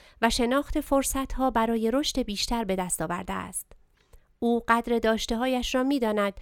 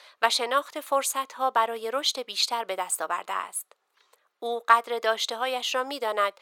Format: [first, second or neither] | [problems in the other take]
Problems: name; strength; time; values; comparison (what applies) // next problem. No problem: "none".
first | thin; very; fading below 500 Hz